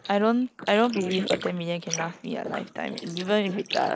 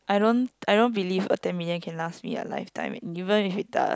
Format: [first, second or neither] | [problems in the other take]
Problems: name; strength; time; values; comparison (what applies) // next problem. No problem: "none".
second | noise reduction (neural mask model Resemble Enhance denoiser)